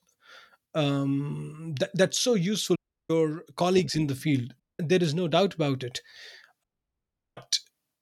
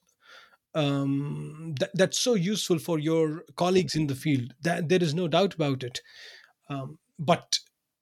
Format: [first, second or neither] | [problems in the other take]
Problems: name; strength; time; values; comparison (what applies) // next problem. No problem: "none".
second | audio cutting out; at 3 s, at 4.5 s and at 6.5 s for 0.5 s